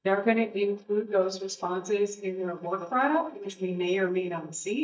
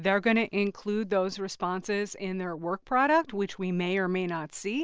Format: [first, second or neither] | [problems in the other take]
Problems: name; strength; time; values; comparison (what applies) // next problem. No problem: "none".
second | noise reduction (neural mask model DeepFilterNet 3)